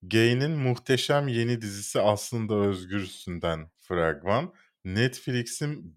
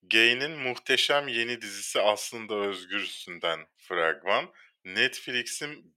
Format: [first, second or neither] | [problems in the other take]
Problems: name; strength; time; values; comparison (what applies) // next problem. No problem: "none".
first | thin; very; fading below 450 Hz